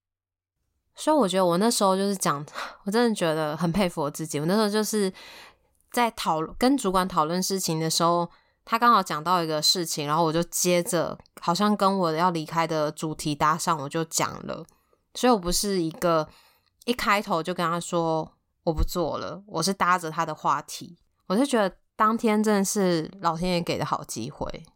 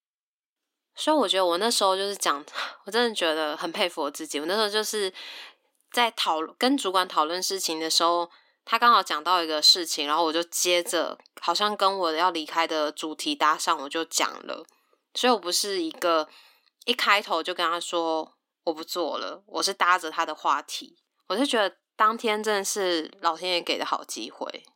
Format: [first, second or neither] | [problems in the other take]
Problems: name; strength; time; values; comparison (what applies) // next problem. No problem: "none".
first | thin; somewhat; fading below 250 Hz